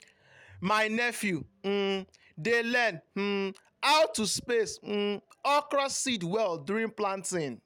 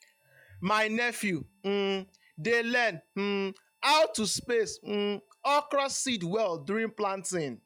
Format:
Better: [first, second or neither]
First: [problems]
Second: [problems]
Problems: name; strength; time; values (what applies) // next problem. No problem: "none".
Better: first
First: none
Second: noise reduction (classical method log-MMSE)